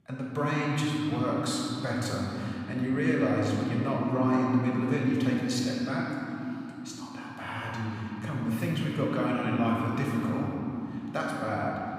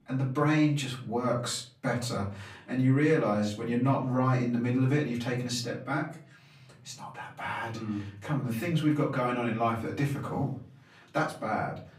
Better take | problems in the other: second | room echo; strong; dies away in 3 s; slight in the second // off-mic speech; far; far in the second

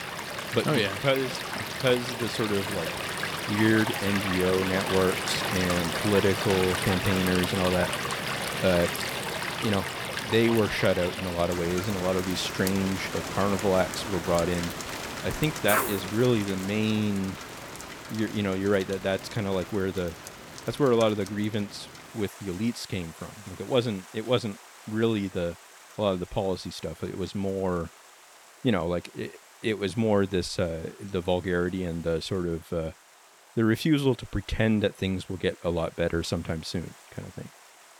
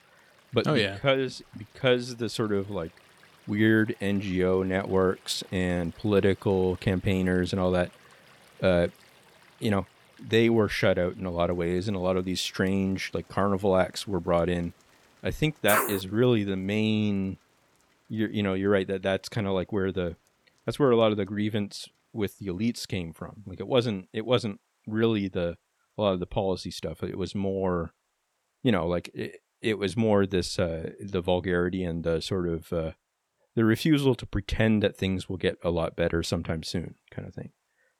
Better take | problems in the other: second | rain or running water; loud; throughout; 4 dB below the speech; faint in the second

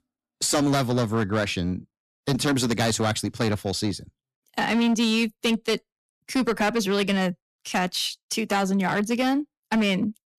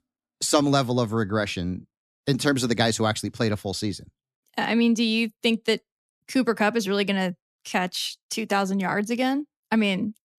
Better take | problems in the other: second | distortion; slight; 10% of the sound clipped

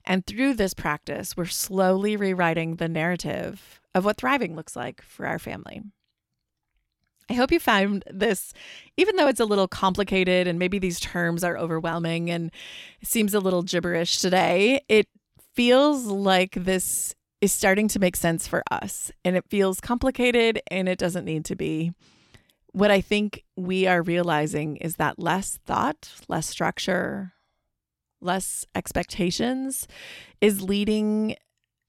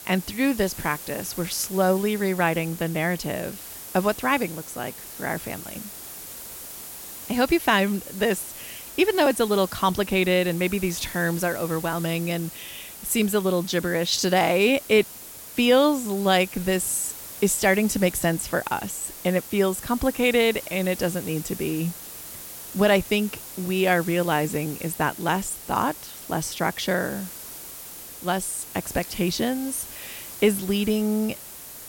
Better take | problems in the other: first | hiss; noticeable; throughout; 10 dB below the speech

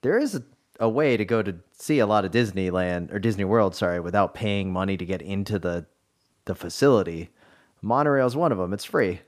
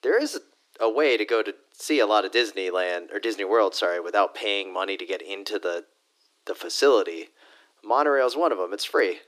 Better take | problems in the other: first | thin; somewhat; fading below 300 Hz

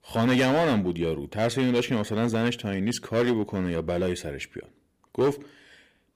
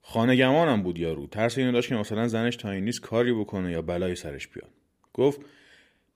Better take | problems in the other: second | distortion; slight; 6% of the sound clipped

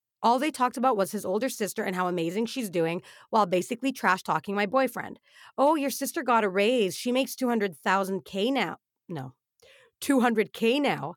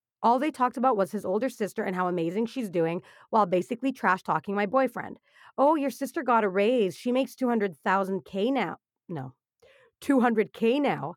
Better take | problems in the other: first | muffled; slightly; fading above 2.5 kHz

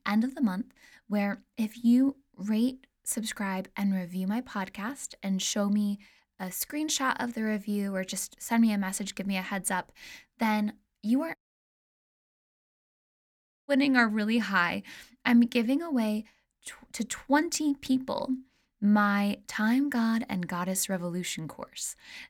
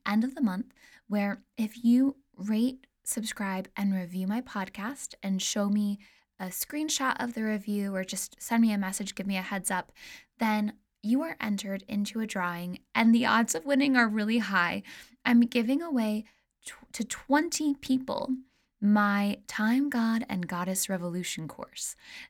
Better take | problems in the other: second | audio cutting out; at 11 s for 2.5 s

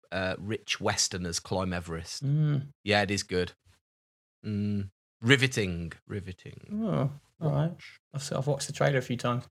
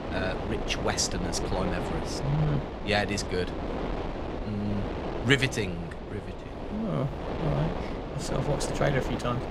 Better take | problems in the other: first | wind noise on the microphone; heavy; 4 dB below the speech

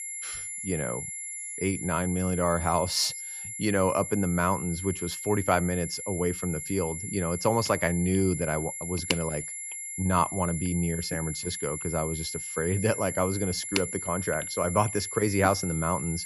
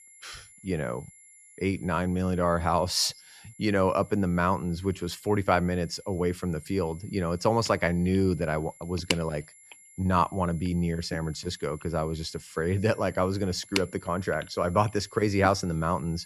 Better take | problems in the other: second | high-pitched whine; loud; throughout; 11 kHz, 6 dB below the speech; faint in the second

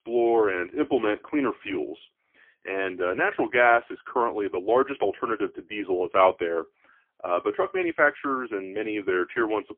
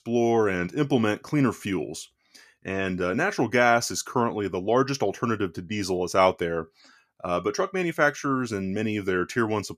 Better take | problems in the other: second | phone-call audio; poor line; nothing above 3 kHz

